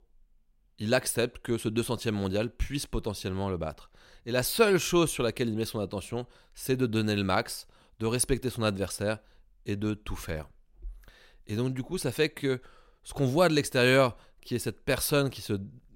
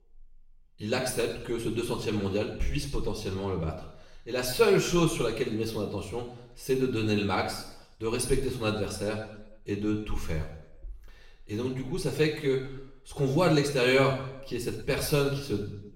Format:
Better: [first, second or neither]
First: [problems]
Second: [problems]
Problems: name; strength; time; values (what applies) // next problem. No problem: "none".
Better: first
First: none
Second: room echo; noticeable; dies away in 0.7 s // off-mic speech; far